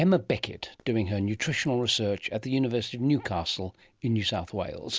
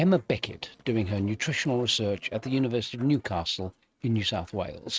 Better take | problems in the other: first | noise reduction (neural mask model RNNoise)

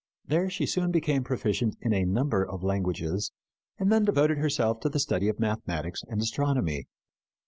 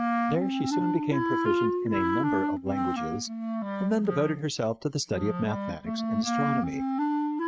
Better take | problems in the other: first | noise reduction (neural mask model RNNoise)

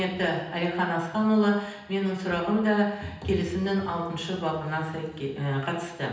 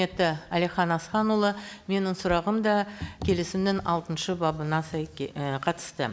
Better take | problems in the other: second | room echo; dies away in 0.9 s

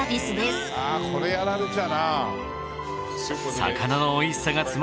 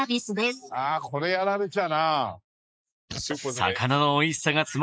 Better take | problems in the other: first | noise reduction (neural mask model Resemble Enhance denoiser)

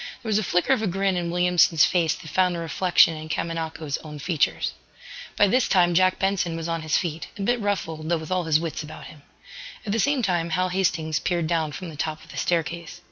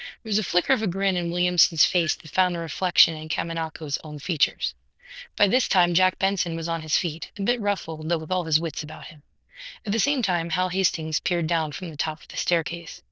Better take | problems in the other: first | noise reduction (neural diffusion model UNIVERSE++)

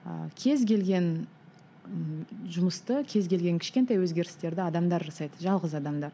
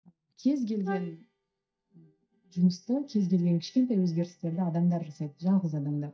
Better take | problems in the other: first | noise reduction (neural mask model DeepFilterNet 3)

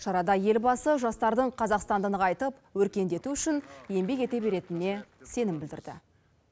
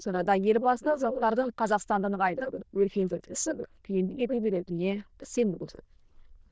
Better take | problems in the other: first | noise reduction (neural diffusion model UNIVERSE++)

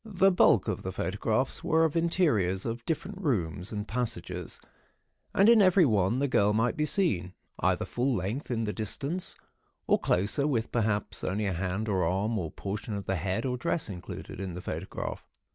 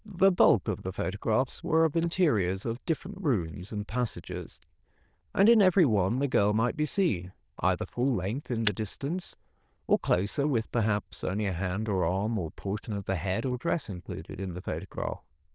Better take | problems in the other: first | noise reduction (neural diffusion model UNIVERSE++)

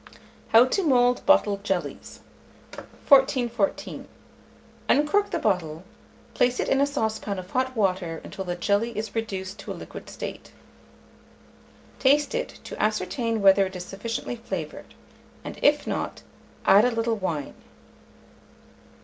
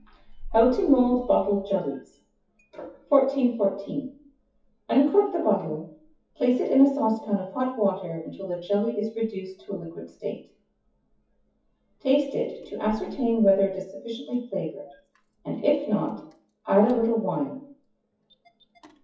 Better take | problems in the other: first | noise reduction (classical method WPE with log-MMSE)

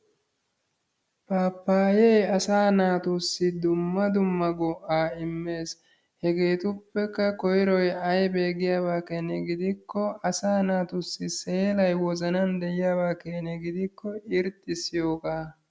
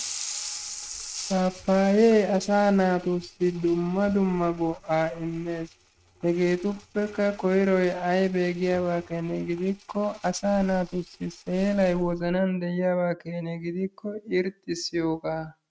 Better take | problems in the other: first | noise reduction (neural mask model RNNoise)

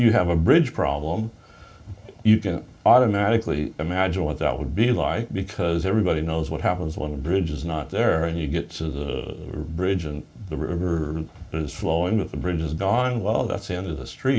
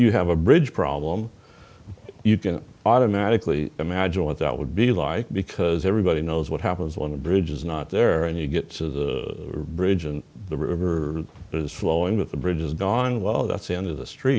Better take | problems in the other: second | room echo; dies away in 0.2 s

